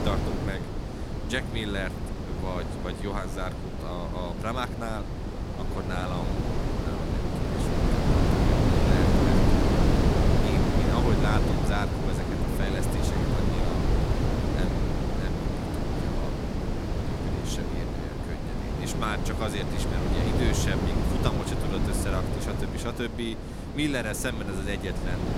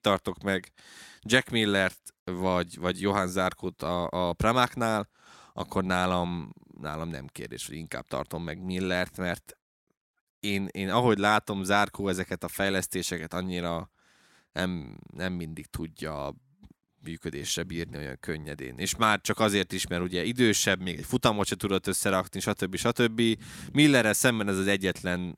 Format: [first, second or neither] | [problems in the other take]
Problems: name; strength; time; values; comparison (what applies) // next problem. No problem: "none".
second | wind noise on the microphone; heavy; 2 dB above the speech